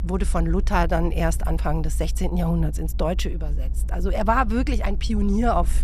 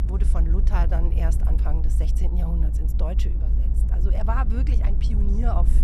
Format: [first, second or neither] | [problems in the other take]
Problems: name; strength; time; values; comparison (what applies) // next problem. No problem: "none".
first | low rumble; loud; throughout; 7 dB below the speech; faint in the first